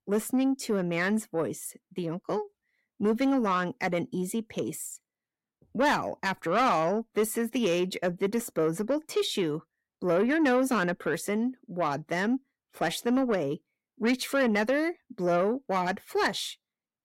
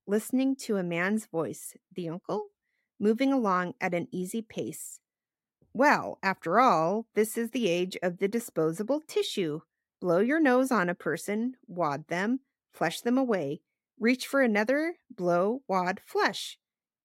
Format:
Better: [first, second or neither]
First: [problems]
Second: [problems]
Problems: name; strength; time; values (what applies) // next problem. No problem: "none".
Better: second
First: distortion; slight; 10 dB below the speech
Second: none